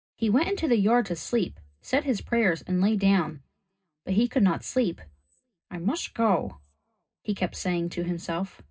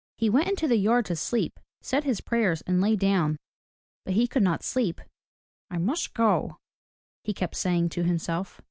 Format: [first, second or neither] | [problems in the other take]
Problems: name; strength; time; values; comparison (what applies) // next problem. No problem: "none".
second | room echo; dies away in 0.2 s